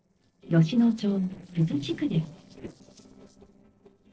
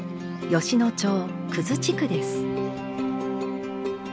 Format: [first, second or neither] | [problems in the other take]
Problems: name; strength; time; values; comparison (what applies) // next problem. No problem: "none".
second | noise reduction (neural separator model SepFormer DNS4)